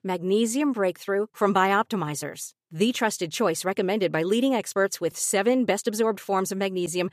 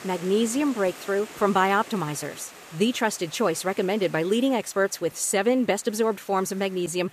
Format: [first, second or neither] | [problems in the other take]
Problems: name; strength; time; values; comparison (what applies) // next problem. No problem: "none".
first | hiss; noticeable; throughout; 20 dB below the speech